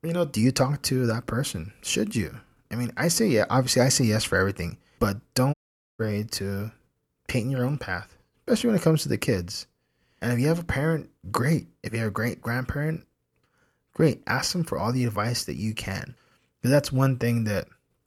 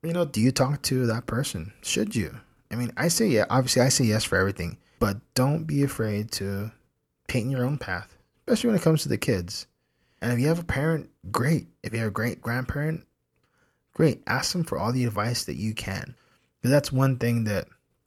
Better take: second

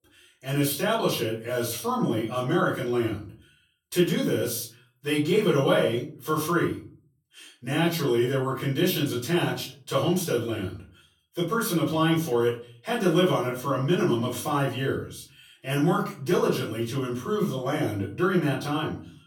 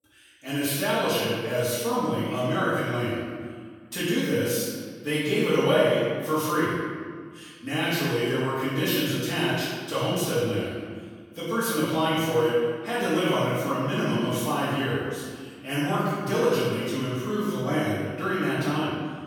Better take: first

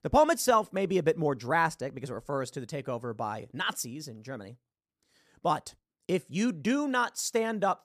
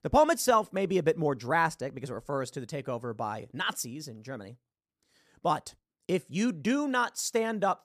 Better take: neither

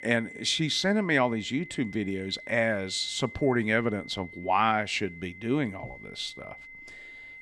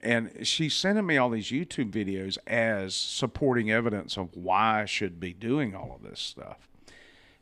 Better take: second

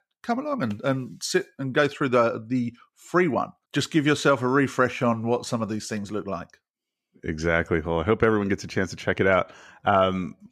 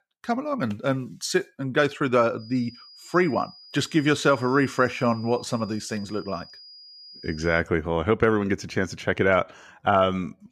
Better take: first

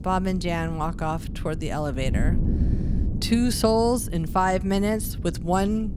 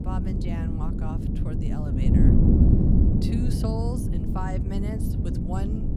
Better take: first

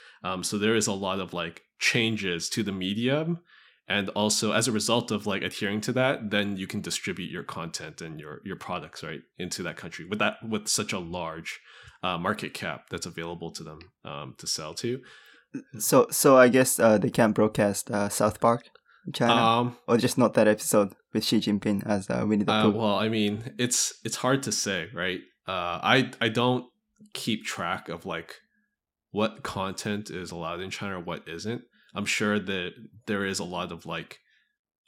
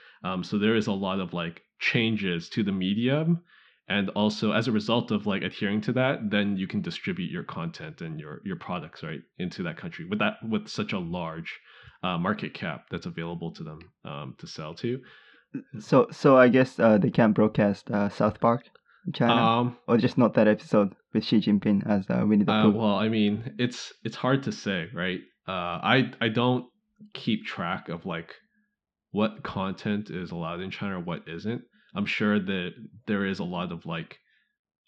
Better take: first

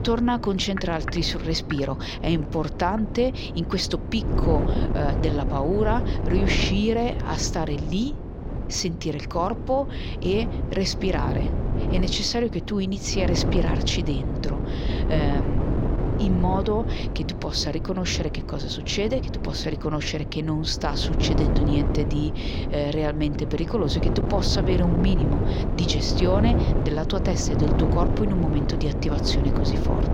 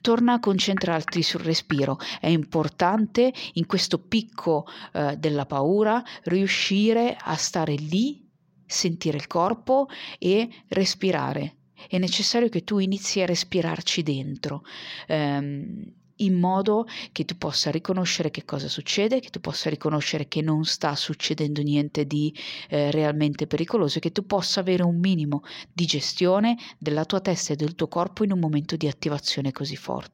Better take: second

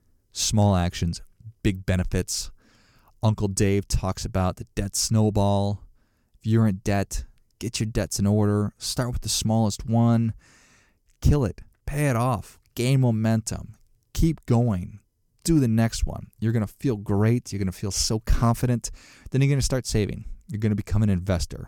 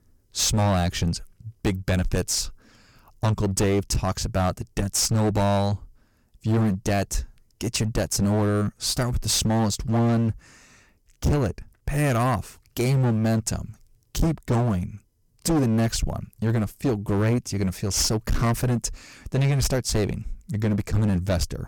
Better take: first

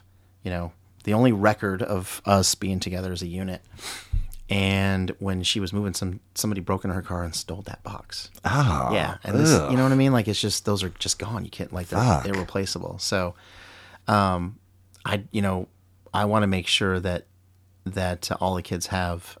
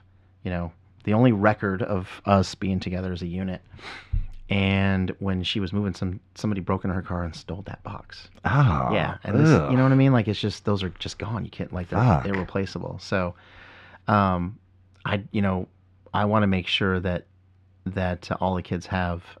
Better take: first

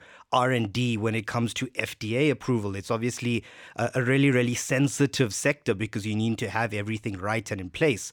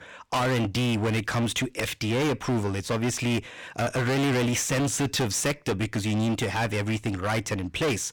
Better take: first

